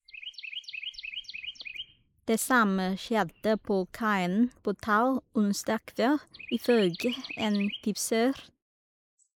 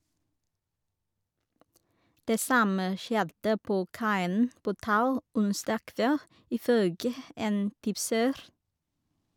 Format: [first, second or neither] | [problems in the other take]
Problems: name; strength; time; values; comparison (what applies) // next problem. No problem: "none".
second | noise reduction (neural mask model Resemble Enhance denoiser)